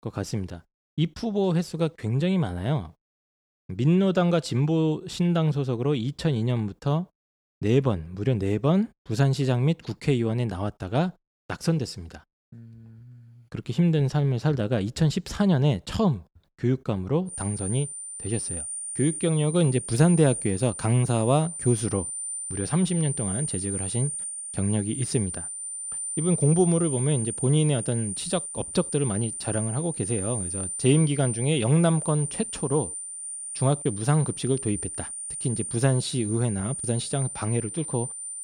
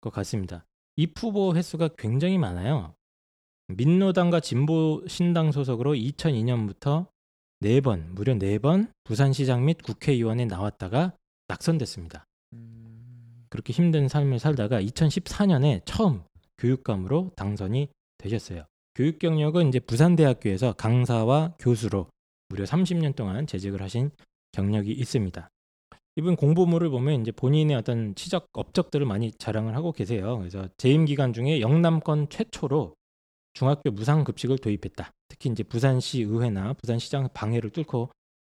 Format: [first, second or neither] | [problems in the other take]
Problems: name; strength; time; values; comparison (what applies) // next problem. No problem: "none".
second | high-pitched whine; loud; from 17 s on; 9 kHz, 6 dB below the speech